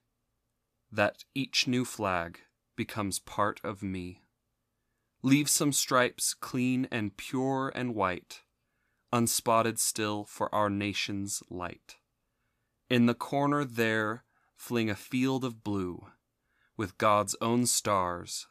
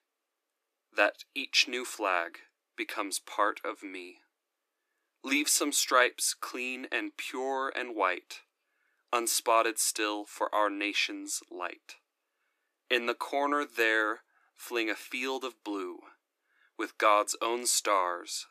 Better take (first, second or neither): first